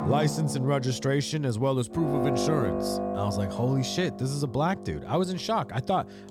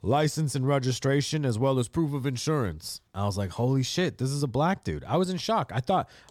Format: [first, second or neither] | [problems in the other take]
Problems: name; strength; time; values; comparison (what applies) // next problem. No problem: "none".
second | background music; loud; throughout; 4 dB below the speech